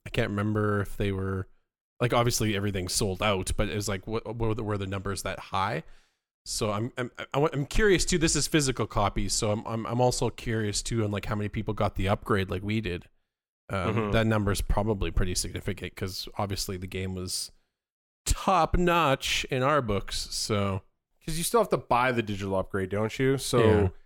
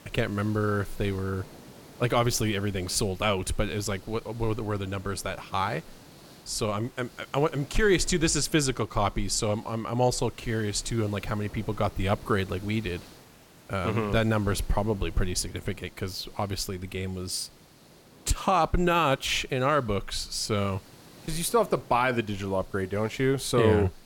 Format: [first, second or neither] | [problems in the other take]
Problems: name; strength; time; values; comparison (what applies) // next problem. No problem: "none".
first | hiss; faint; throughout; 20 dB below the speech